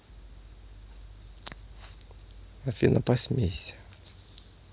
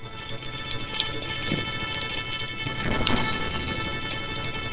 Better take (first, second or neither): first